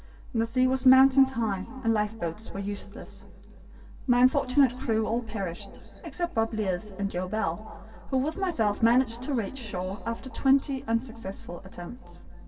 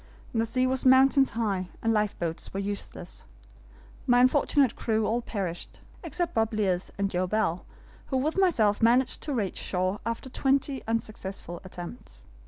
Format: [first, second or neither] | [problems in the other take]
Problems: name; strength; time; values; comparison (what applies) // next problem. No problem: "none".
second | room echo; dies away in 2.4 s